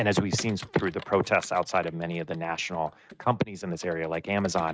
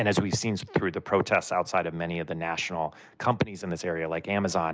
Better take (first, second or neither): second